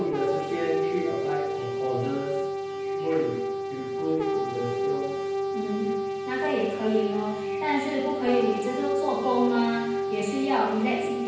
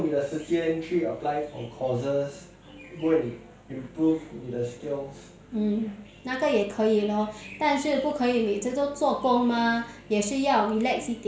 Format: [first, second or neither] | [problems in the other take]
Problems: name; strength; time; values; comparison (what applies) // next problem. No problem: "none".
second | background sound (Brass instrument); 1 dB below the speech // room echo; dies away in 0.9 s